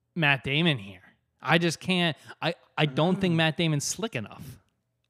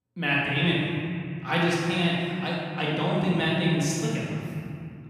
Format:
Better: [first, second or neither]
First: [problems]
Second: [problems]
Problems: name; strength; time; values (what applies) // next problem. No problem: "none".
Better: first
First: none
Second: off-mic speech; far // room echo; strong; dies away in 2.4 s